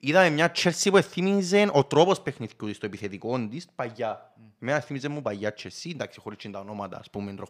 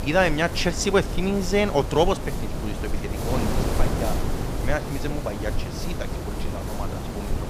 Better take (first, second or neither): first